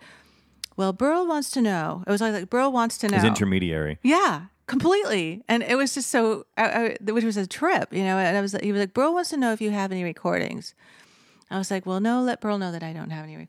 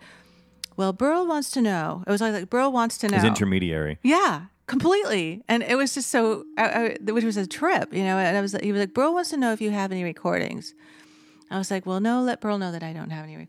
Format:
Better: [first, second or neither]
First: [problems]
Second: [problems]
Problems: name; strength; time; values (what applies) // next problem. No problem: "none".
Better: first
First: none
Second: background music; faint; throughout; 25 dB below the speech